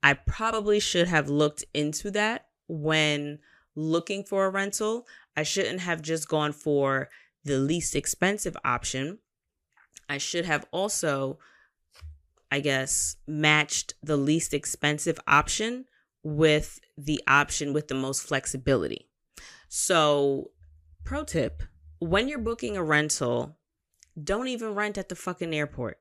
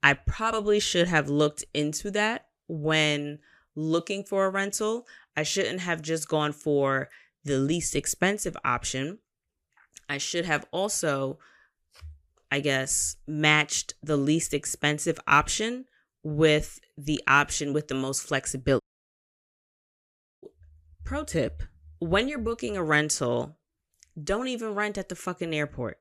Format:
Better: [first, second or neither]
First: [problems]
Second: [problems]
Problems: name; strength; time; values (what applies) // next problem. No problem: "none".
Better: first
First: none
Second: audio cutting out; at 19 s for 1.5 s